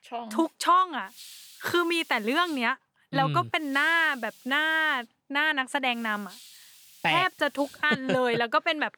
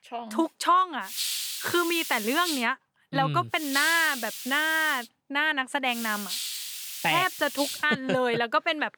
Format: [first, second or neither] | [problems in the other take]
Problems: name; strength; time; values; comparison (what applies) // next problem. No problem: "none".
first | hiss; loud; from 1 to 2.5 s, from 3.5 to 5 s and from 6 to 8 s; 6 dB below the speech; faint in the first